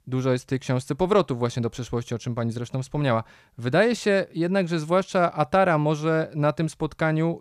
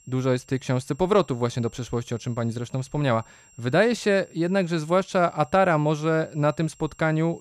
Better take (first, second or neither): first